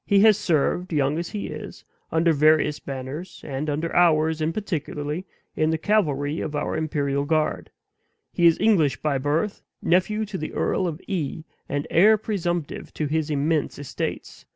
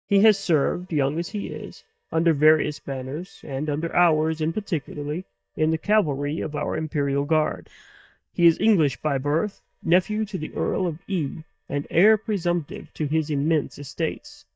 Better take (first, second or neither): first